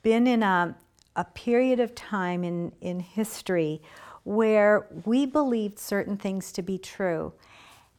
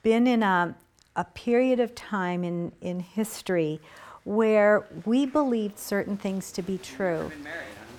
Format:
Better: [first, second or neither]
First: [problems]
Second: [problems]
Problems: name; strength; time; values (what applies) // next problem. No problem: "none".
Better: first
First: none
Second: crowd noise; noticeable; throughout; 20 dB below the speech